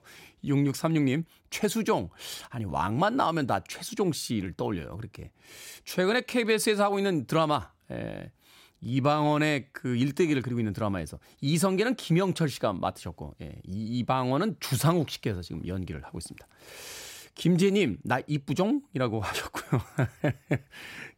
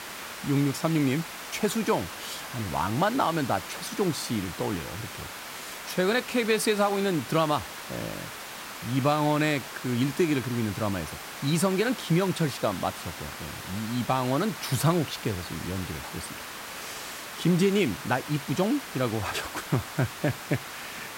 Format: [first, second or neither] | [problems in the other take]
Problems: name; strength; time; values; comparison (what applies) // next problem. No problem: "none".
first | hiss; loud; throughout; 10 dB below the speech